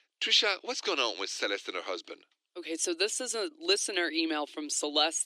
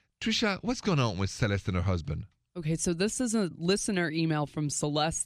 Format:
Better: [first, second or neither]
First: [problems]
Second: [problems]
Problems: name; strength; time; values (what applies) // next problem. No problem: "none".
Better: second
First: thin; very; fading below 300 Hz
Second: none